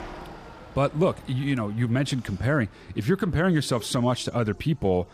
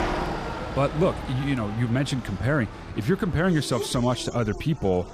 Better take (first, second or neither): first